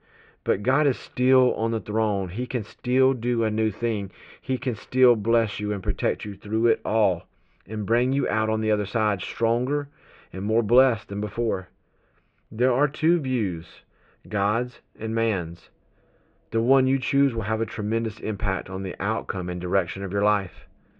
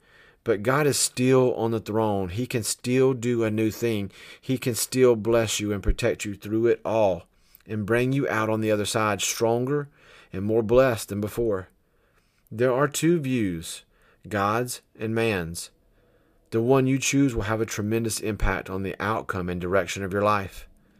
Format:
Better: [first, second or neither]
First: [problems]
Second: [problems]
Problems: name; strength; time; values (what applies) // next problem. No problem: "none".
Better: second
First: muffled; very; fading above 3 kHz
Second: none